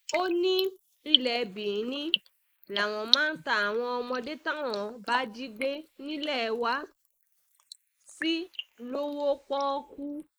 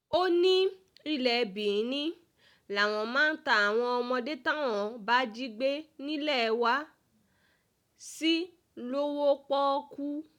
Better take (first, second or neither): second